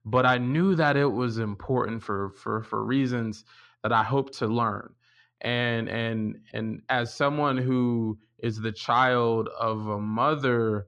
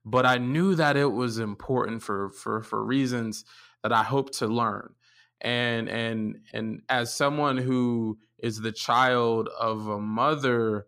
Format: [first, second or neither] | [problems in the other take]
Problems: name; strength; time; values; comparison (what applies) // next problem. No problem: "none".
second | muffled; very slightly; fading above 3.5 kHz